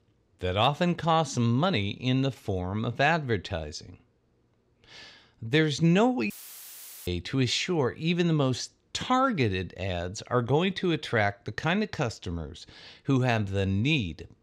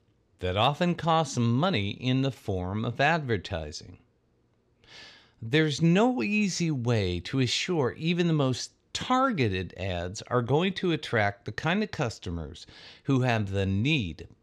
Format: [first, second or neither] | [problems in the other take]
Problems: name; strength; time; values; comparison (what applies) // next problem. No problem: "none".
second | audio cutting out; filled with static; at 6.5 s for 1 s